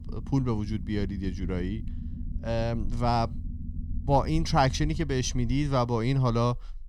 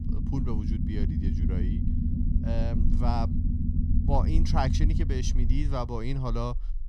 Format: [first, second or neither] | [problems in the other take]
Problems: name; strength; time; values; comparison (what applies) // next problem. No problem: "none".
first | low rumble; loud; throughout; 5 dB below the speech; faint in the first